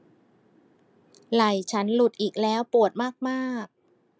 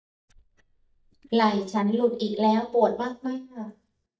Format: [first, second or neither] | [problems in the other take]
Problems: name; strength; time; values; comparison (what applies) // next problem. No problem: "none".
first | noise reduction (neural mask model DeepFilterNet 3)